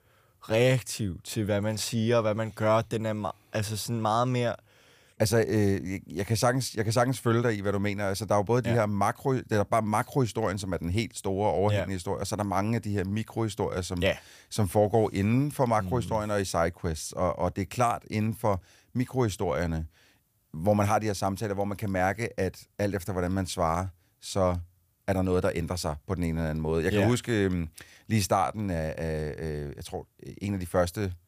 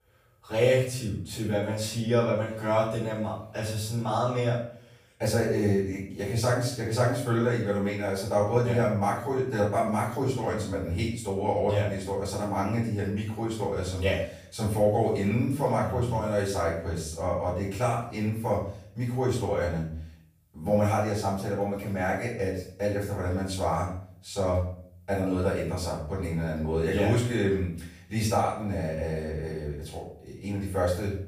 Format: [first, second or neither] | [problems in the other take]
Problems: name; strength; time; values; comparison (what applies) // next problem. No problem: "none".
first | off-mic speech; far // room echo; noticeable; dies away in 0.5 s